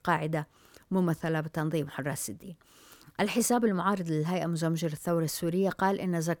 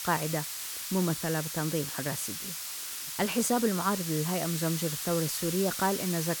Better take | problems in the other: first | hiss; loud; throughout; 3 dB below the speech

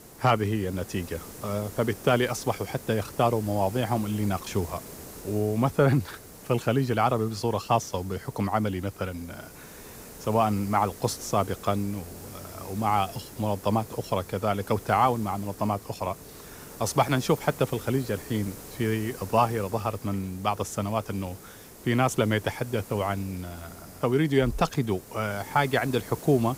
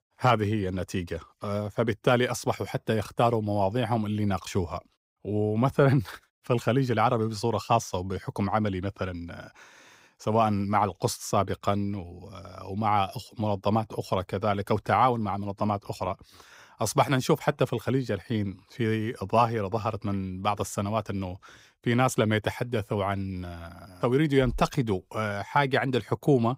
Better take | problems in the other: second | hiss; noticeable; throughout; 15 dB below the speech

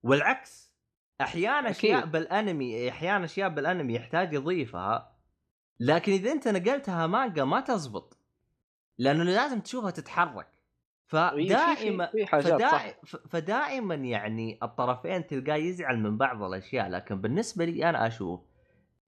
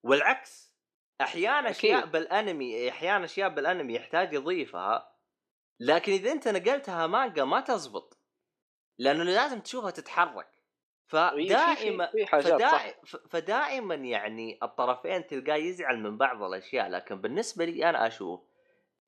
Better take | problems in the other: first | thin; somewhat; fading below 400 Hz

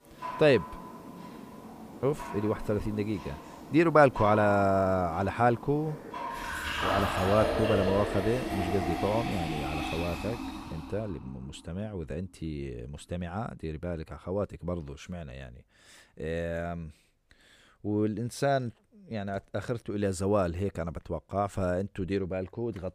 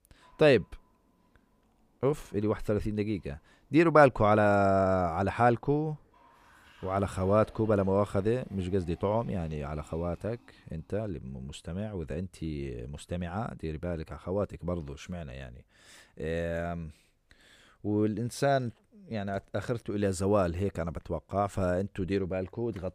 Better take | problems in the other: second | household noises; loud; until 10 s; 6 dB below the speech; faint in the second

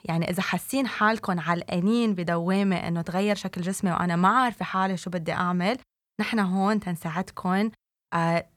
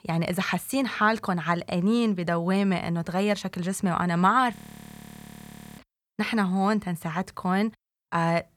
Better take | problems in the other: first | audio freezing; at 4.5 s for 1 s

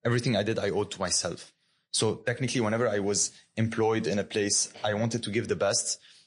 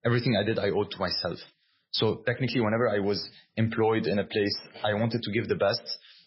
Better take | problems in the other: first | garbled, watery; badly; nothing above 5.5 kHz; slightly in the first

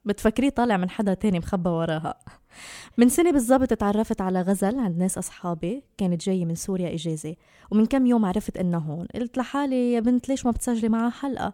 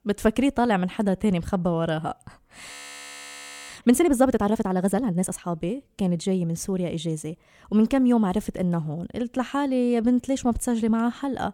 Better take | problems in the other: first | audio freezing; at 2.5 s for 1 s

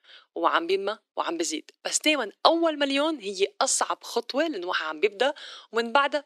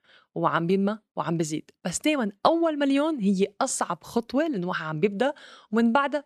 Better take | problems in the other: second | thin; somewhat; fading below 300 Hz

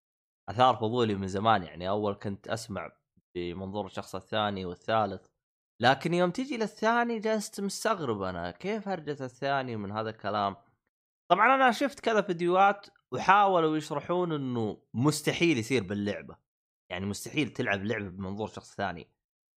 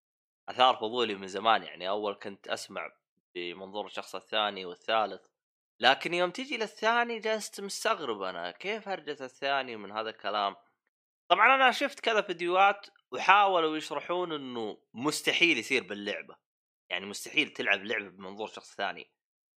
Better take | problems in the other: first | thin; somewhat; fading below 350 Hz

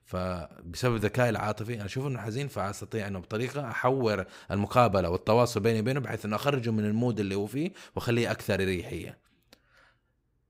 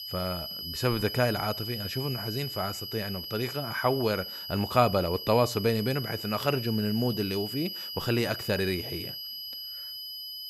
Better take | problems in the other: first | high-pitched whine; loud; throughout; 5 kHz, 6 dB below the speech

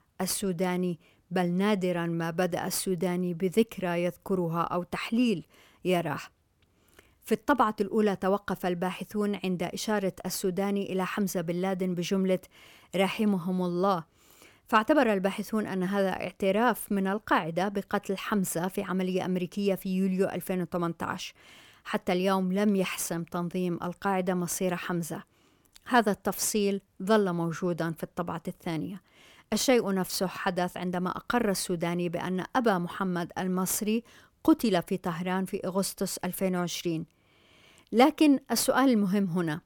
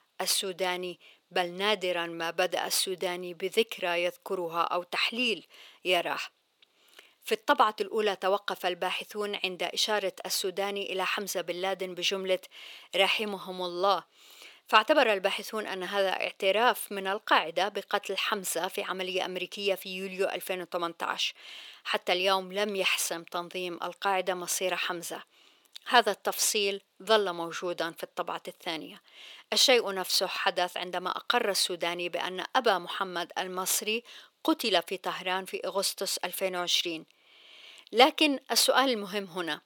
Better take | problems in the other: first | thin; somewhat; fading below 500 Hz

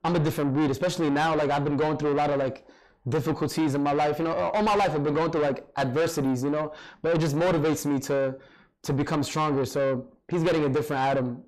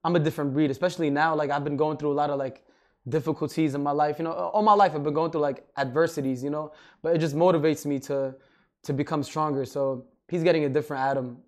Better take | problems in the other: second | distortion; heavy; 6 dB below the speech

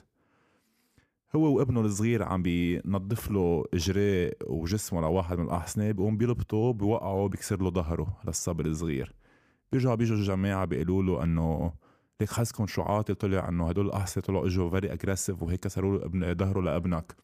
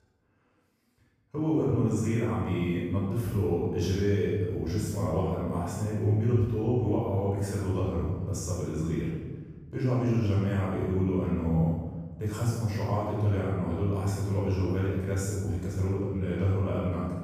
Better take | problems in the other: first | off-mic speech; far // room echo; strong; dies away in 1.4 s

